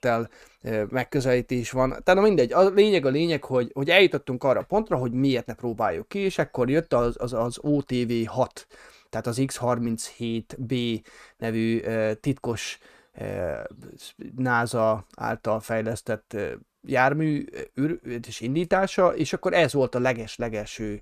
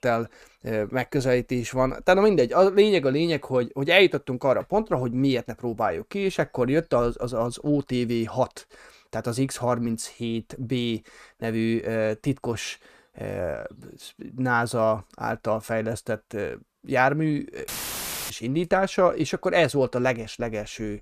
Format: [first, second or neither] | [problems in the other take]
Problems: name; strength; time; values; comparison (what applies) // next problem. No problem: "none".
first | audio cutting out; filled with static; at 18 s for 0.5 s